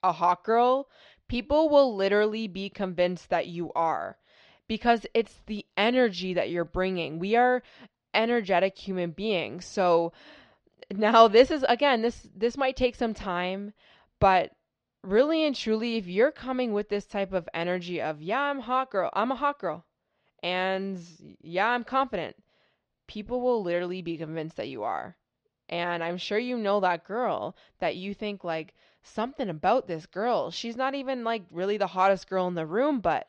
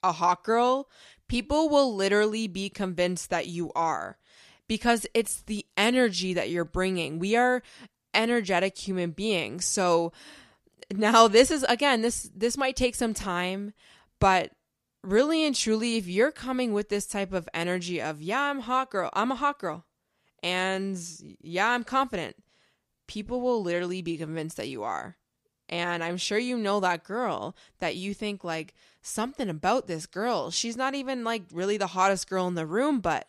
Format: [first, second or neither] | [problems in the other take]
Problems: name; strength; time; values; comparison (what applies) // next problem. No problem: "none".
second | muffled; slightly; fading above 4.5 kHz